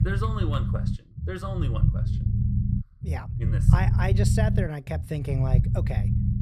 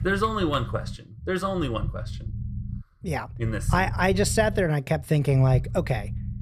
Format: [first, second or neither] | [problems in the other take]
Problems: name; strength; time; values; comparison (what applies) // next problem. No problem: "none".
second | low rumble; loud; throughout; 4 dB below the speech; faint in the second